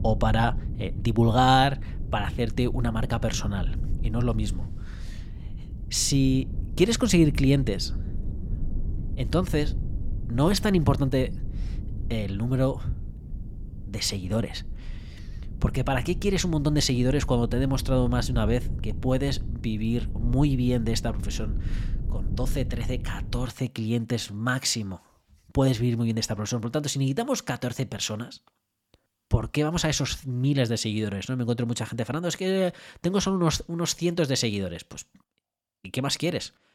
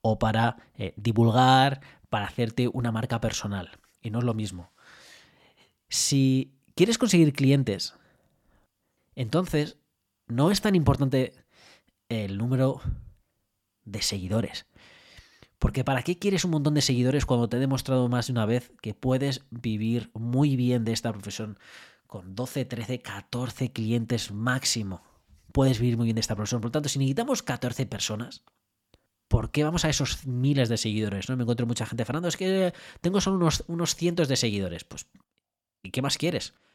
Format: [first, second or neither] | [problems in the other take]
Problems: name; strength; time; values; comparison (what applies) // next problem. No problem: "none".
second | low rumble; noticeable; until 23 s; 20 dB below the speech